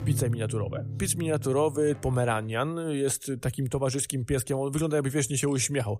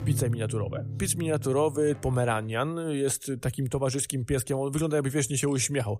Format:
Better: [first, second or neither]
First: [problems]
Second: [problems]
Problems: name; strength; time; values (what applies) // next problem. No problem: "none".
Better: neither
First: background music; loud; until 2.5 s; 8 dB below the speech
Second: background music; loud; until 2.5 s; 8 dB below the speech